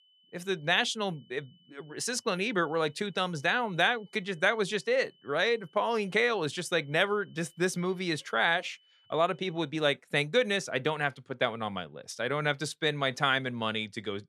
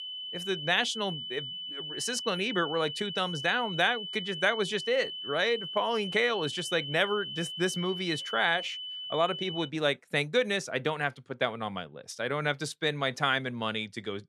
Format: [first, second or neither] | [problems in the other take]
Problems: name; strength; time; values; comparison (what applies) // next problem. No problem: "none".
first | high-pitched whine; loud; until 9.5 s; 3 kHz, 6 dB below the speech; faint in the first